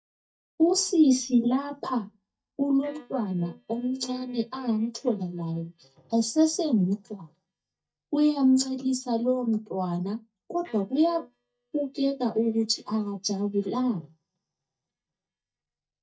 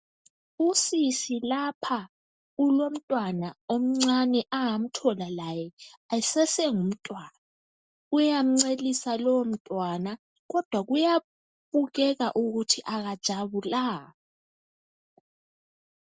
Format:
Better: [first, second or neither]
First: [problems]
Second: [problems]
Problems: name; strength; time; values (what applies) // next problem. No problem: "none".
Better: second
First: noise reduction (neural mask model DeepFilterNet 3)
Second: none